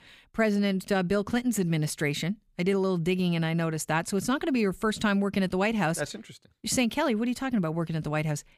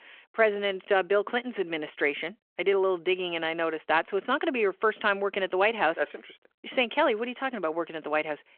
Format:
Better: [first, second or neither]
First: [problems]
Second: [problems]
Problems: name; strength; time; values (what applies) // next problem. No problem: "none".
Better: first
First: none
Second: phone-call audio